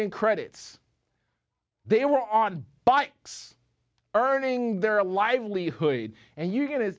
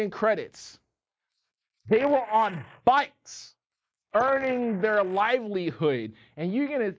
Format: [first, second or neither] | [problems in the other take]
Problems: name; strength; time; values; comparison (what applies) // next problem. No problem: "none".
first | noise reduction (neural mask model Resemble Enhance denoiser)